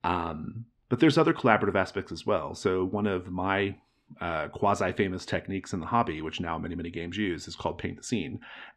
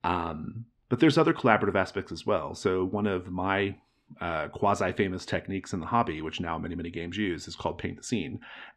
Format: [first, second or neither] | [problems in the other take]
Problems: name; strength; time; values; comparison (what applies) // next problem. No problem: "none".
neither | muffled; slightly; fading above 3.5 kHz; the same in both